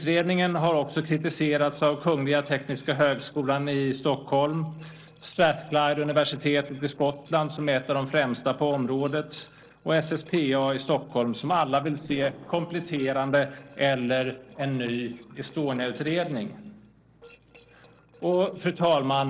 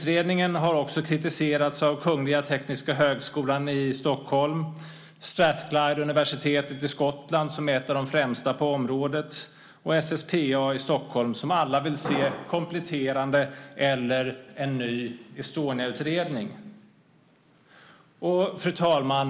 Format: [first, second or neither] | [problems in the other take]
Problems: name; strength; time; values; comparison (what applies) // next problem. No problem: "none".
second | noise reduction (neural separator model SepFormer DNS4)